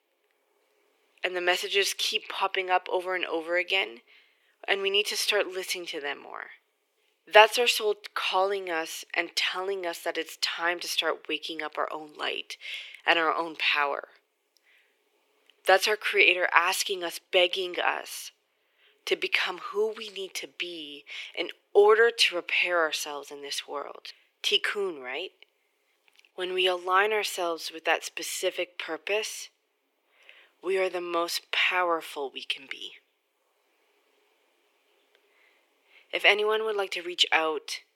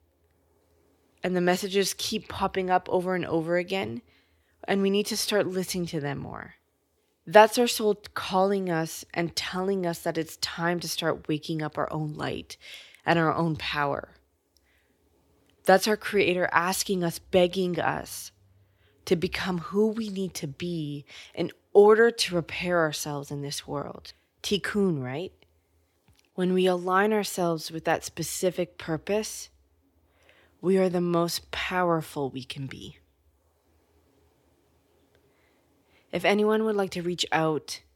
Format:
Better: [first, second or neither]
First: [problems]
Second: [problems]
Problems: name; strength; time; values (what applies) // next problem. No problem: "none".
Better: second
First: thin; very; fading below 400 Hz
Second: none